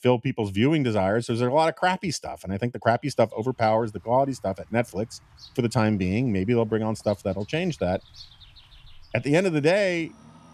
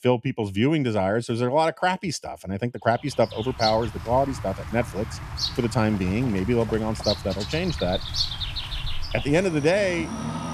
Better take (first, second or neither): first